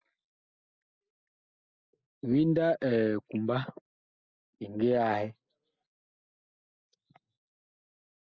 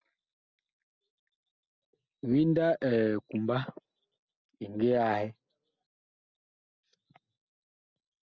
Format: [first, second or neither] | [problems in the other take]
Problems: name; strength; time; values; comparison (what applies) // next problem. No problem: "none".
second | noise reduction (neural mask model Resemble Enhance denoiser)